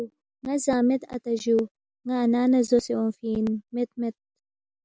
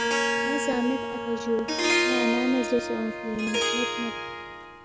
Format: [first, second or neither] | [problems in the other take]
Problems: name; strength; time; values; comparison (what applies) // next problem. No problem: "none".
first | background sound (Harp); 2 dB above the speech